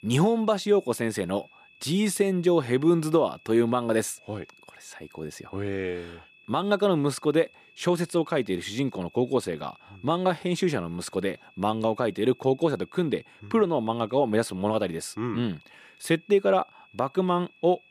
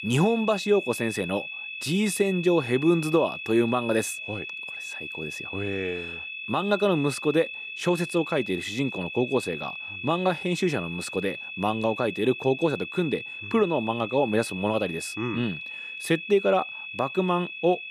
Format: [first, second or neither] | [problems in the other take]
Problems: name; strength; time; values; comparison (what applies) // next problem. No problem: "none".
first | high-pitched whine; loud; throughout; 2.5 kHz, 8 dB below the speech; faint in the first